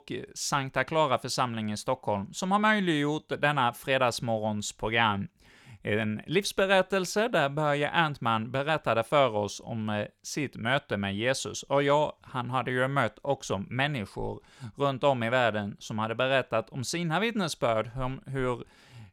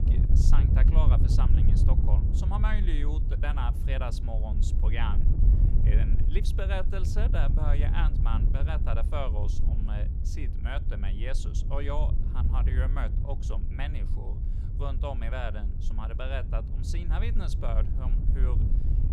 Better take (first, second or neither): first